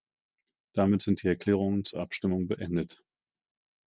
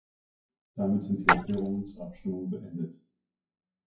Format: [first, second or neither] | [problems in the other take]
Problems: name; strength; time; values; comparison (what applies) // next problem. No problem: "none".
first | noise reduction (classical method WPE with log-MMSE)